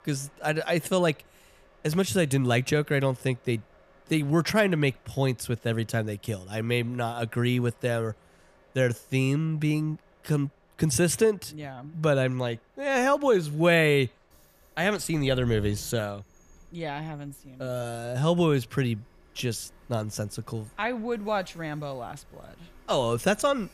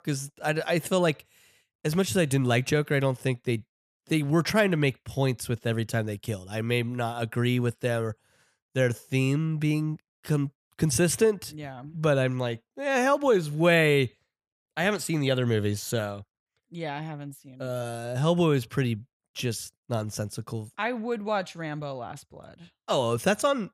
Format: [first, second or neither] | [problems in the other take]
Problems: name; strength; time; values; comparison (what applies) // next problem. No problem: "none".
second | train or aircraft noise; faint; throughout; 30 dB below the speech